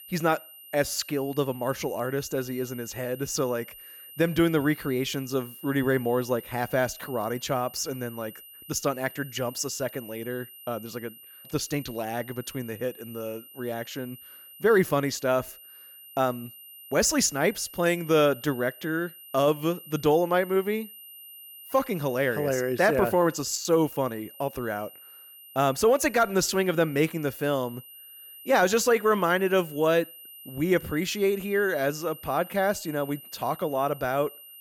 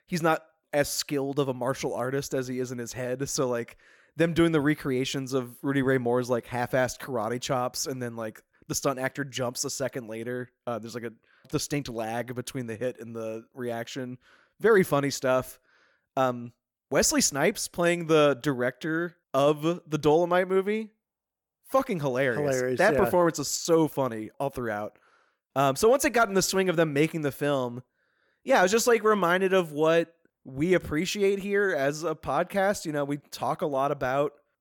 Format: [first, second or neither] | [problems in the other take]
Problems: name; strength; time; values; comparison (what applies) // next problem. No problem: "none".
second | high-pitched whine; noticeable; throughout; 12 kHz, 15 dB below the speech